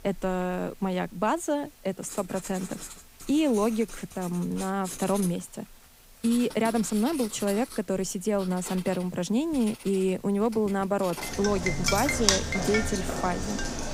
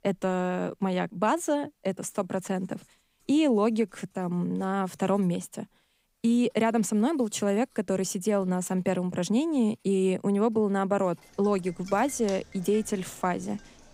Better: second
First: household noises; loud; throughout; 5 dB below the speech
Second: household noises; faint; throughout; 25 dB below the speech

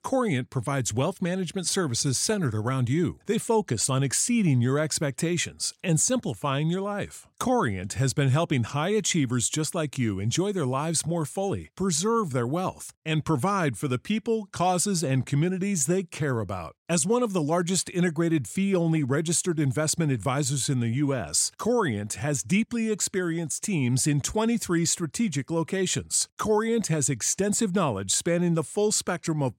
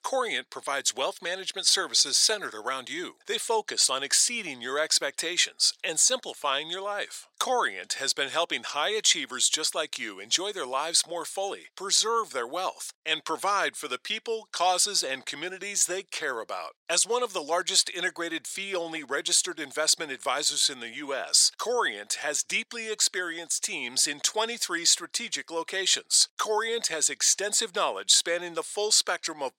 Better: first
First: none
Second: thin; very; fading below 500 Hz

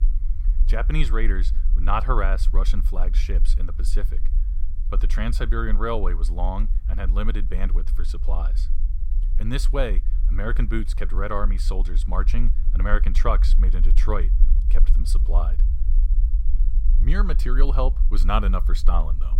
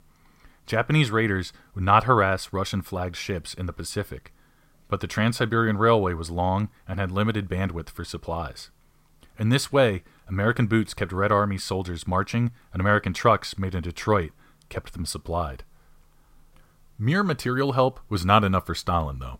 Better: second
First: low rumble; noticeable; throughout; 20 dB below the speech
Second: none

